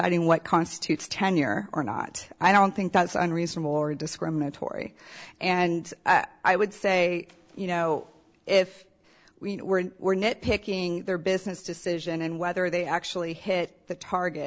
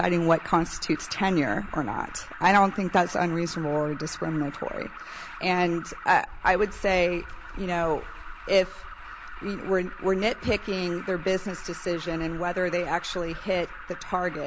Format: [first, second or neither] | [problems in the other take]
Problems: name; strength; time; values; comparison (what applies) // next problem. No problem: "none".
first | background sound (Alarm); 13 dB below the speech